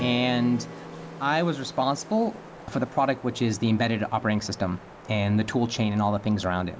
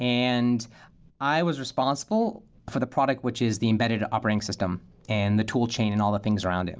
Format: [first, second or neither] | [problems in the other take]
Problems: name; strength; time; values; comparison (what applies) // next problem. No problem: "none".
second | background sound (Strum + Wind); 16 dB below the speech